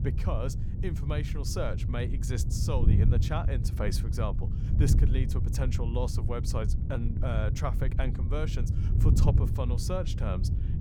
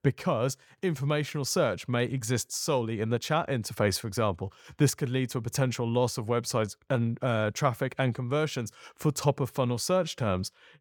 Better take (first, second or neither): second